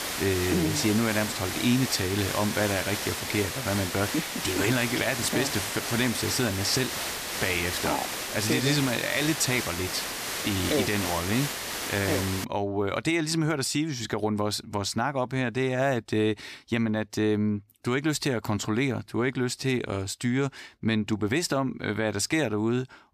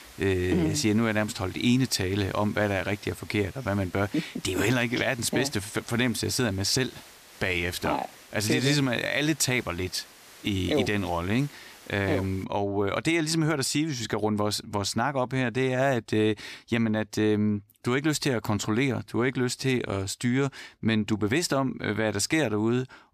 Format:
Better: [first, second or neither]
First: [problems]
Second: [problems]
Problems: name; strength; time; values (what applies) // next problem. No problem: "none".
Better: second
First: hiss; loud; until 12 s; 3 dB below the speech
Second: hiss; faint; until 12 s; 20 dB below the speech